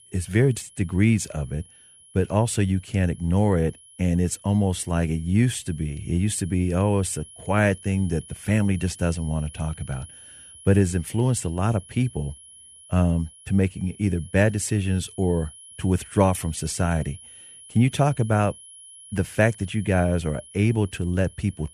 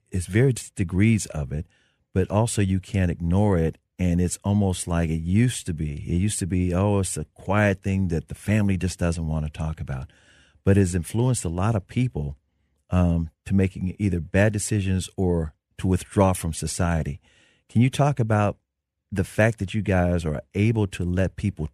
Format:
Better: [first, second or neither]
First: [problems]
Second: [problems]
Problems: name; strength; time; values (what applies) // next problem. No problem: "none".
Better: second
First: high-pitched whine; faint; throughout; 10.5 kHz, 20 dB below the speech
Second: none